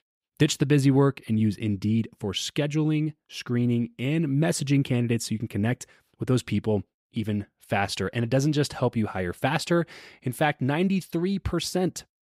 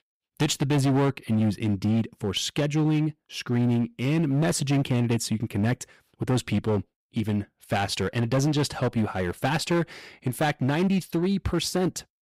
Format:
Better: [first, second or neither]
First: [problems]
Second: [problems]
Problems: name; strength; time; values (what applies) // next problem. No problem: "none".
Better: first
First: none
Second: distortion; slight; 12% of the sound clipped